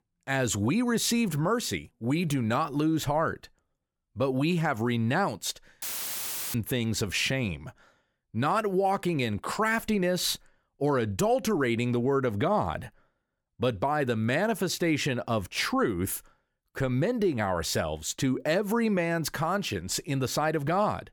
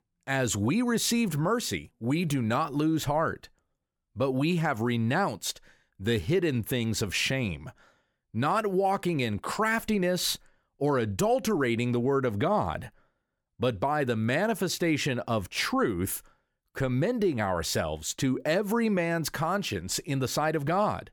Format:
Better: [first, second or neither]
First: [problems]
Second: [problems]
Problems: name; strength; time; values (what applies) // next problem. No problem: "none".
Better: second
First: audio cutting out; filled with static; at 6 s for 0.5 s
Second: none